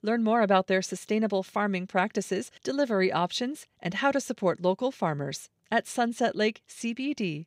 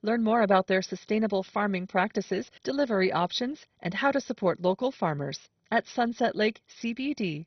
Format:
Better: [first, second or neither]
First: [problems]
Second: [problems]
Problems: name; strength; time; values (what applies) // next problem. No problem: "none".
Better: first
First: none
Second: garbled, watery; badly; nothing above 6 kHz